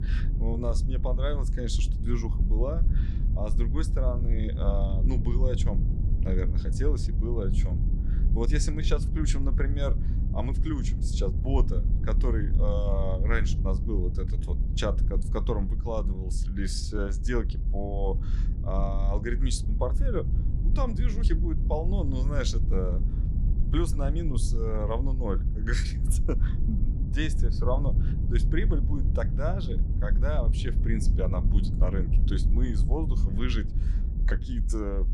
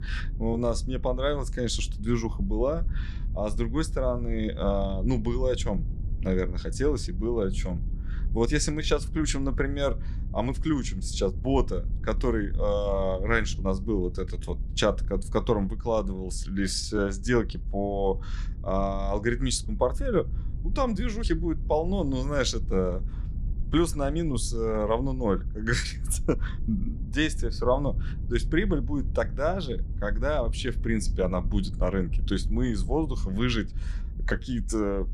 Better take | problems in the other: second | low rumble; loud; throughout; 8 dB below the speech; faint in the second

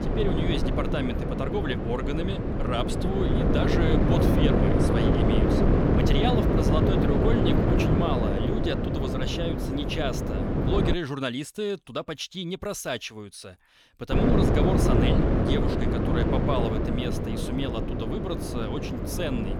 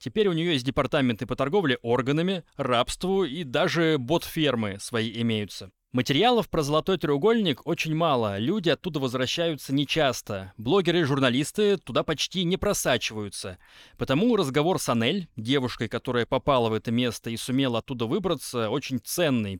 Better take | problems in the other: second | wind noise on the microphone; heavy; until 11 s and from 14 s on; 3 dB above the speech

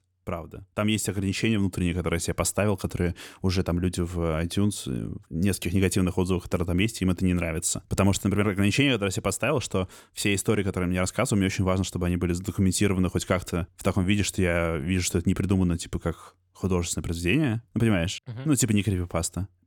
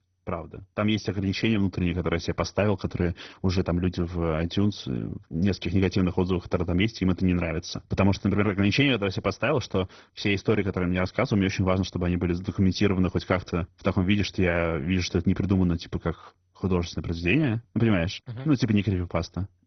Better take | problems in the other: first | garbled, watery; badly; nothing above 6 kHz

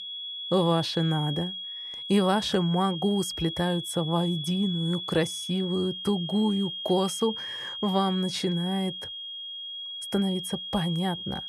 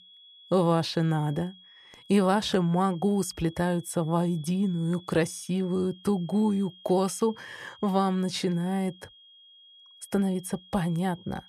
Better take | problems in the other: second | high-pitched whine; loud; throughout; 3.5 kHz, 6 dB below the speech; faint in the second

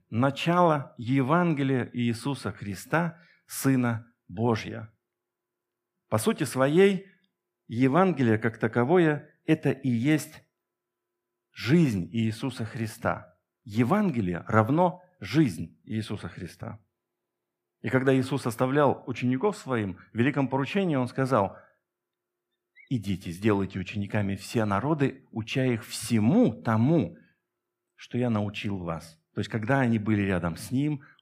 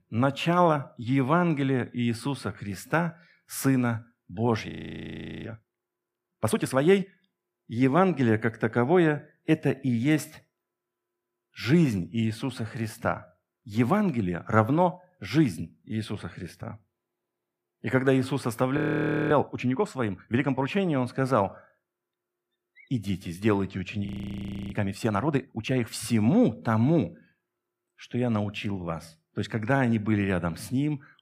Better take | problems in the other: first | audio freezing; at 4.5 s for 0.5 s, at 19 s for 0.5 s and at 24 s for 0.5 s

